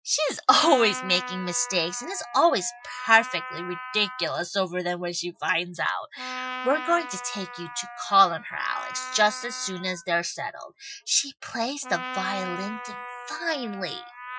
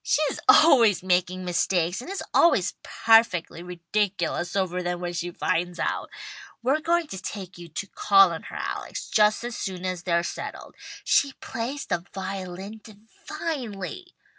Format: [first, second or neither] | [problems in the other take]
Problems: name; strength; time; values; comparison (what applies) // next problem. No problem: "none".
second | noise reduction (classical method Wiener filter)